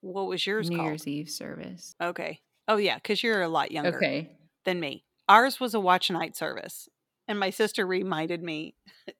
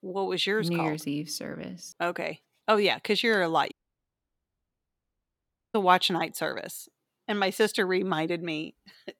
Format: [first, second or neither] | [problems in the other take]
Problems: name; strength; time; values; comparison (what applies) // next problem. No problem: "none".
first | audio cutting out; at 3.5 s for 2 s